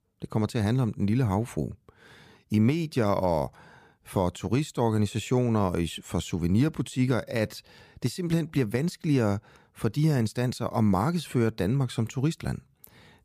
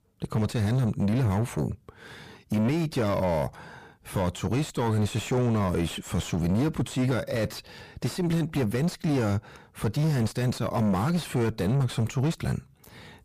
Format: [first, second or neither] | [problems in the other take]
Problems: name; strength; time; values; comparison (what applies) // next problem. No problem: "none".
first | distortion; heavy; 6 dB below the speech